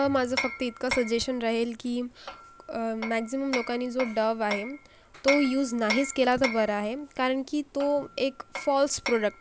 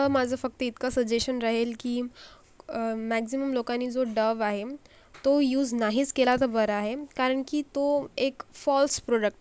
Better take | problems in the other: second | background sound (Hammer); 10 dB below the speech

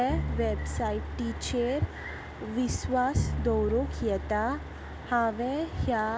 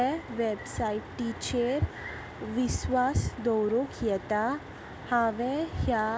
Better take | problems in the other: second | background sound (Bowed string instrument); 6 dB below the speech

